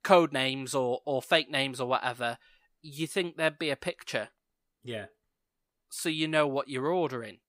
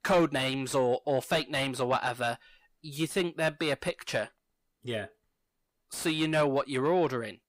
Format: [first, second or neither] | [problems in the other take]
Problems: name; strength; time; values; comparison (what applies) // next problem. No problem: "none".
first | distortion; heavy; 7 dB below the speech